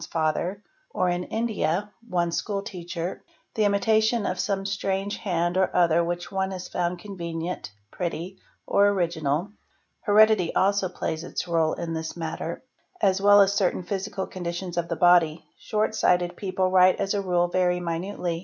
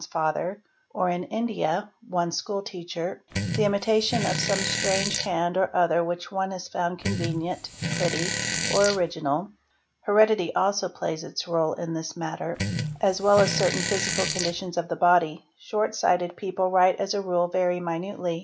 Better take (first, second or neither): first